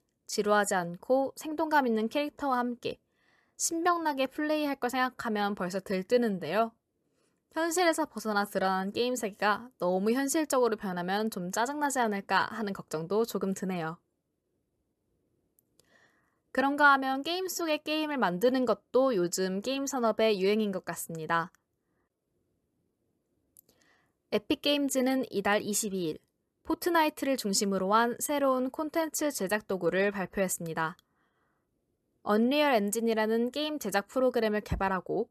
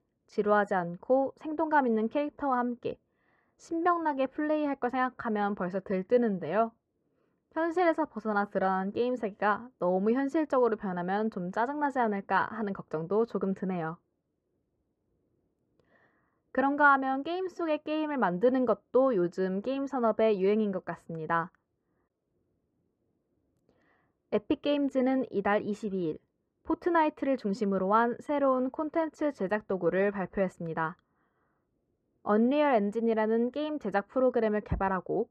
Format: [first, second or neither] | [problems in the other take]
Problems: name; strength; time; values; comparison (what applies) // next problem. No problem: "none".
first | muffled; very; fading above 1.5 kHz